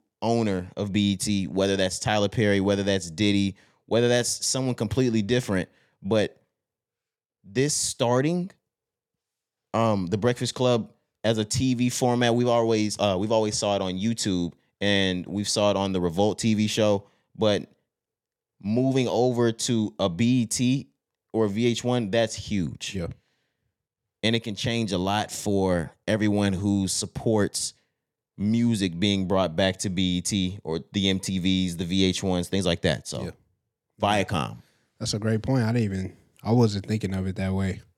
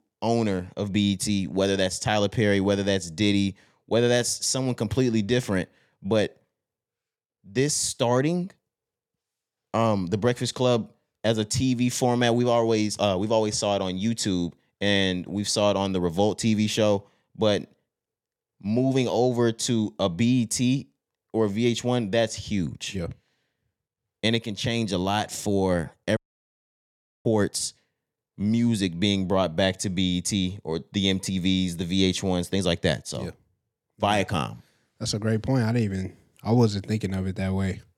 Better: first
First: none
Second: audio cutting out; at 26 s for 1 s

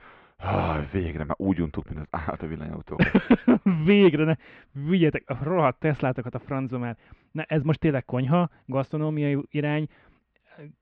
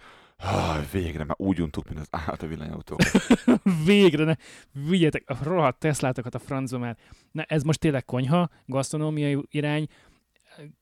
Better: second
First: muffled; very; fading above 2.5 kHz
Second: none

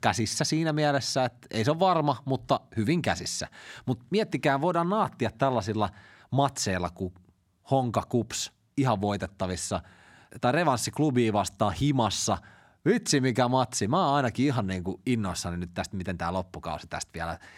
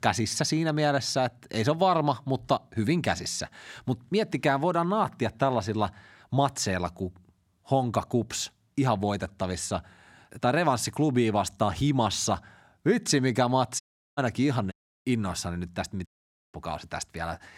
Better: first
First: none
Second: audio cutting out; at 14 s, at 15 s and at 16 s

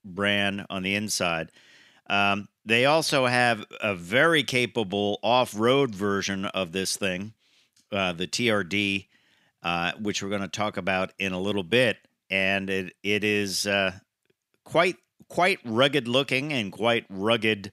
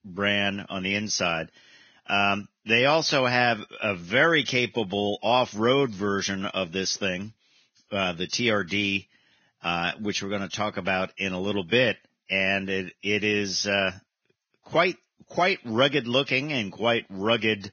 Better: first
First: none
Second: garbled, watery; badly; nothing above 6.5 kHz

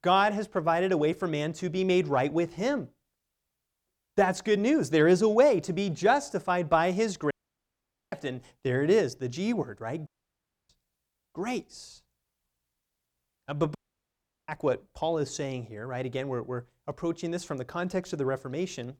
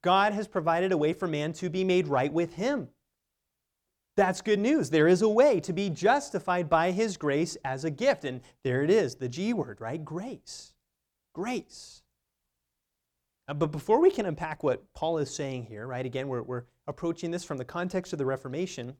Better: second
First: audio cutting out; at 7.5 s for 1 s, at 10 s for 0.5 s and at 14 s for 0.5 s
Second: none

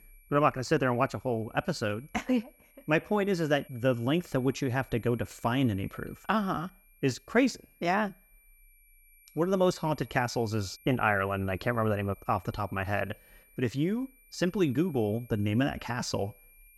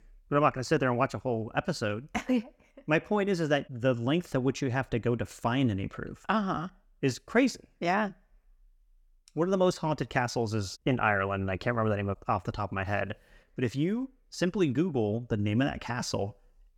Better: second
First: high-pitched whine; faint; throughout; 2.5 kHz, 25 dB below the speech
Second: none

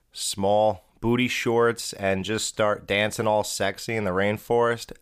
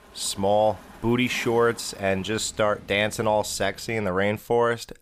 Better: first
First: none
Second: rain or running water; faint; until 4 s; 20 dB below the speech

